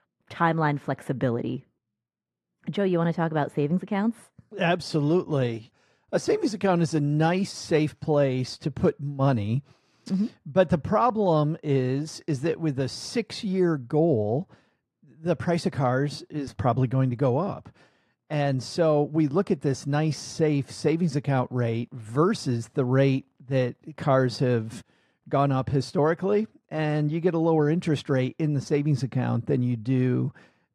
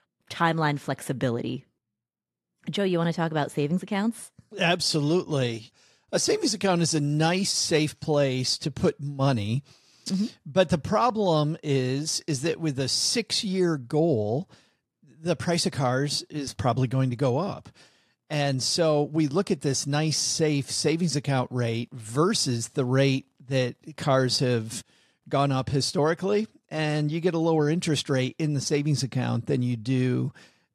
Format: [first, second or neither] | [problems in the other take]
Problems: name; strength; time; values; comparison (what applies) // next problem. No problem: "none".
second | muffled; slightly; fading above 3 kHz